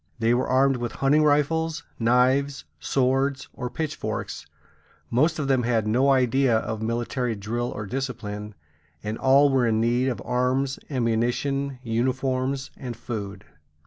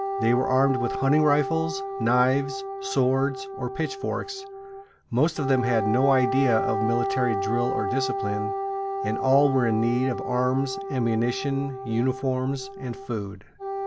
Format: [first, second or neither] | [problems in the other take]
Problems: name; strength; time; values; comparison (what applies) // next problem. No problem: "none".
first | background sound (Wind instrument, woodwind instrument); 5 dB below the speech